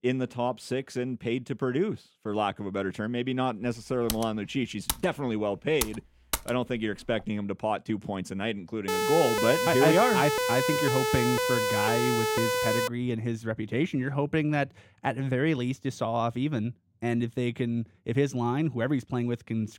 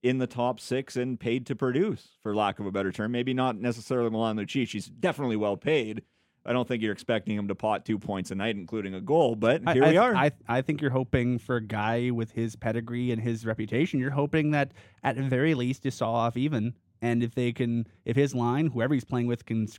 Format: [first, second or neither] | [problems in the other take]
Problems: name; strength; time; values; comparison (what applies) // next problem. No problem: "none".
second | keyboard typing; noticeable; from 4 to 6.5 s; peak 3 dB below the speech // siren; loud; from 9 to 13 s; peak 3 dB above the speech